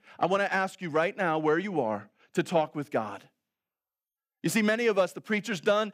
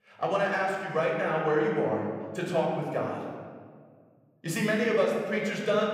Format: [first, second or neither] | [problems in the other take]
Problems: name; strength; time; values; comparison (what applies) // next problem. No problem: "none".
first | off-mic speech; somewhat distant // room echo; noticeable; dies away in 1.6 s